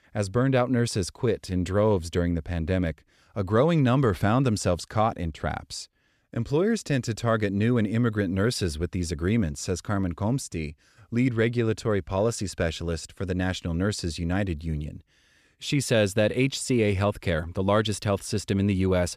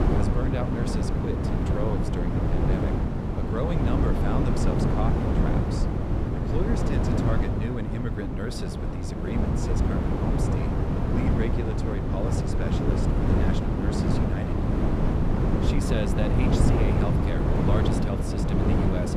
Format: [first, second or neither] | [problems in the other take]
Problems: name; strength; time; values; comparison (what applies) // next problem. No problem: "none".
first | wind noise on the microphone; heavy; 4 dB above the speech